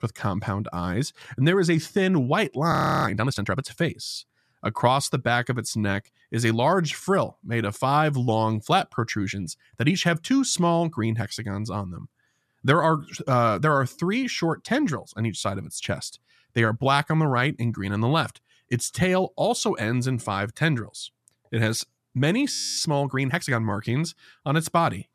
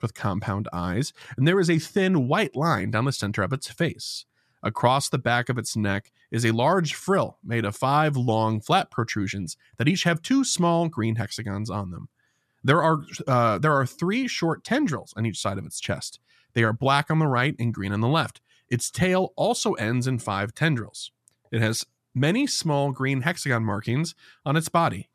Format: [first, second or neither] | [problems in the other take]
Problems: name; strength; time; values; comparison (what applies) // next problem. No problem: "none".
second | audio freezing; at 2.5 s and at 23 s